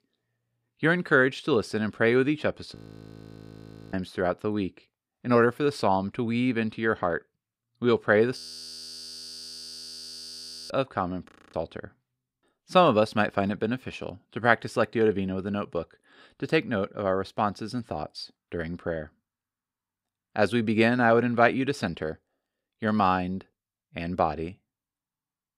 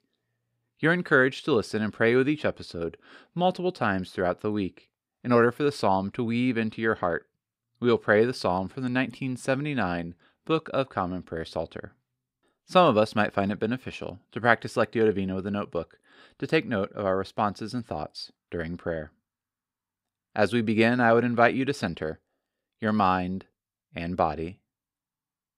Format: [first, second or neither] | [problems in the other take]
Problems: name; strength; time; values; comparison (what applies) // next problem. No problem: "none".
second | audio freezing; at 3 s for 1 s, at 8.5 s for 2.5 s and at 11 s